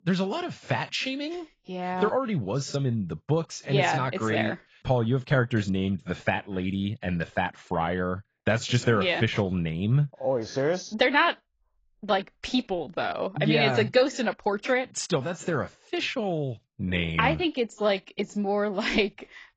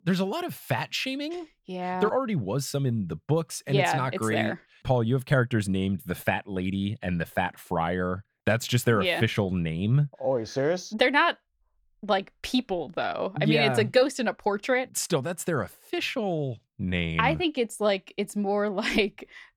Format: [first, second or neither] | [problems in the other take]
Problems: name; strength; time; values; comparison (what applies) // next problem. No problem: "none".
second | garbled, watery; badly; nothing above 8 kHz